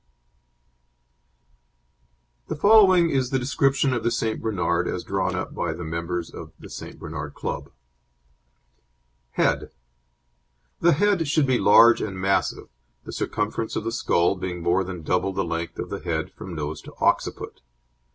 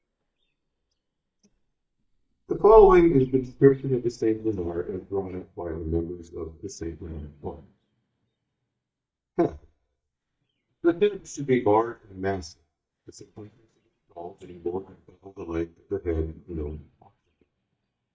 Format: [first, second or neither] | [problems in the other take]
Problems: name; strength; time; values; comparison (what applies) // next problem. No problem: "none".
first | noise reduction (neural mask model DeepFilterNet 3)